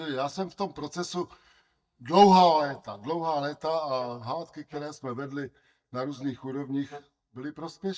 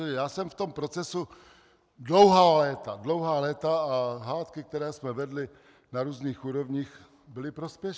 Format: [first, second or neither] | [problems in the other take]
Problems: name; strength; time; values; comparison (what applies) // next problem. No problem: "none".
second | noise reduction (neural mask model DeepFilterNet 3)